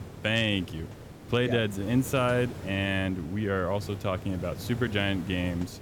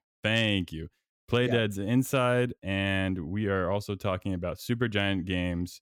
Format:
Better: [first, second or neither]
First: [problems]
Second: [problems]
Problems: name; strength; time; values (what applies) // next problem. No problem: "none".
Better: second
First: hiss; noticeable; throughout; 15 dB below the speech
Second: none